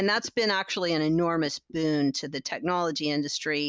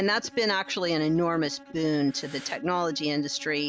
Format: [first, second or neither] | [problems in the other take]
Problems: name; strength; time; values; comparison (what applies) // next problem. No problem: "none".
first | background sound (Breathing + Bowed string instrument); 20 dB below the speech